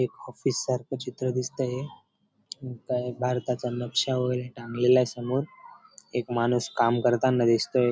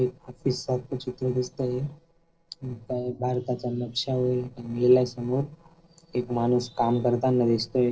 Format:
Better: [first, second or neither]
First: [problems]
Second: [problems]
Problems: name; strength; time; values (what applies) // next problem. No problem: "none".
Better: first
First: none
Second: noise reduction (neural separator model SepFormer DNS4)